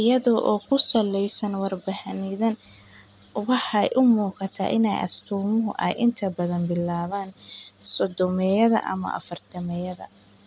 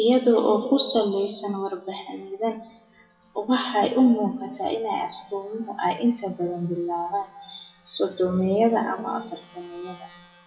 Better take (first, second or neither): first